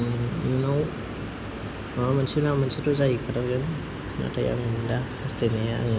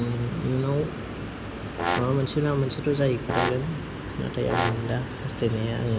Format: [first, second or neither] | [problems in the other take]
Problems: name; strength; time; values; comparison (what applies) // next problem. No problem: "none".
first | background sound (Brass instrument); 6 dB below the speech